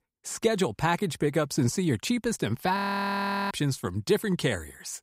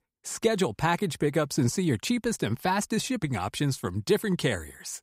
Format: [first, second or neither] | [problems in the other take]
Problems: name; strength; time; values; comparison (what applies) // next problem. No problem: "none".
second | audio freezing; at 3 s for 0.5 s